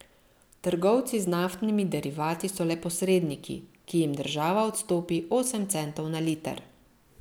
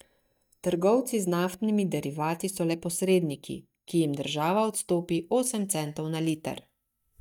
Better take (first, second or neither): first